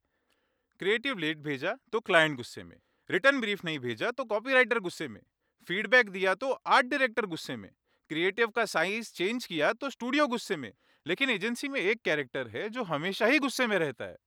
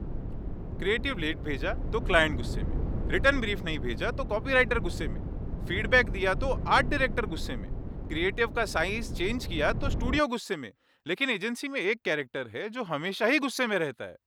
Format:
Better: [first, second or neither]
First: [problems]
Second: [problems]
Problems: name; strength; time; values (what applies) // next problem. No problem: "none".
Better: first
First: none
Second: wind noise on the microphone; occasional gusts; until 10 s; 15 dB below the speech